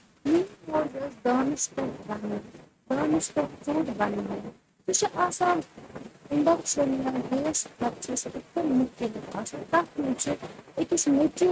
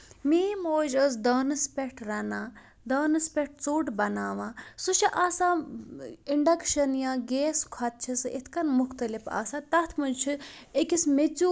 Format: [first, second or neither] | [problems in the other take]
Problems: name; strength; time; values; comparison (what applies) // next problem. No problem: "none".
second | noise reduction (neural mask model RNNoise)